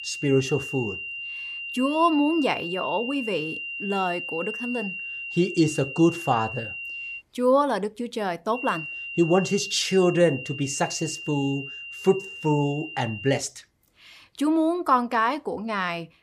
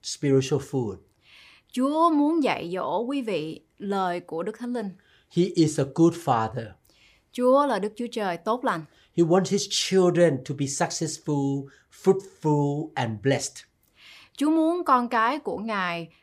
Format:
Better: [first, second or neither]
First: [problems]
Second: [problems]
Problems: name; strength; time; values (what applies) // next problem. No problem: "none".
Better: second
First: high-pitched whine; loud; until 7 s and from 8.5 to 13 s; 3 kHz, 8 dB below the speech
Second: none